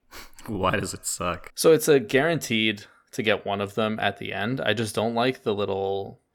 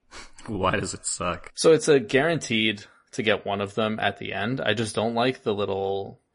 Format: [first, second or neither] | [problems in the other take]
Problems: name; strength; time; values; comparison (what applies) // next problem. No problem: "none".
first | garbled, watery; slightly; nothing above 10.5 kHz